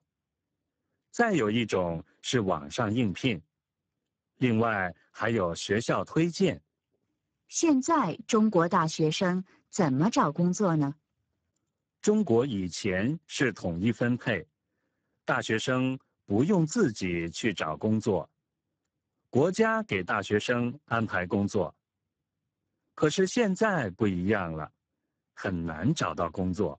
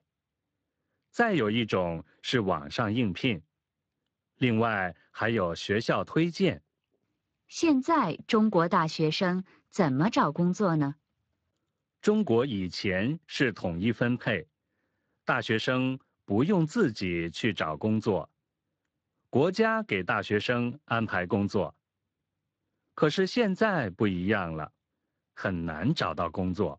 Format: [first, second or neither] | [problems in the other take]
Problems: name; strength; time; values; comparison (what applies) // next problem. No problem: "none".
second | garbled, watery; badly; nothing above 7.5 kHz; slightly in the second